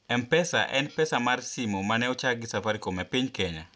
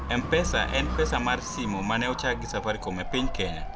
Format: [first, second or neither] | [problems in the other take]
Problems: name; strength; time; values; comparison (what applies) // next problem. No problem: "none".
first | background sound (Motorcycle / Dog); 4 dB below the speech